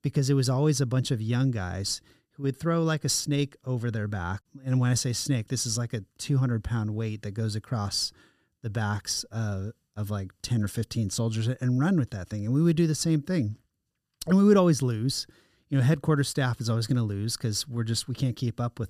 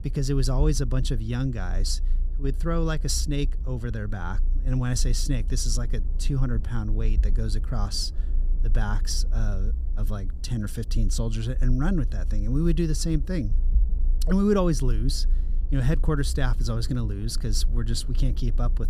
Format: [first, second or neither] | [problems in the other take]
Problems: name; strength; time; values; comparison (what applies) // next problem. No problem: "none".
first | low rumble; noticeable; throughout; 20 dB below the speech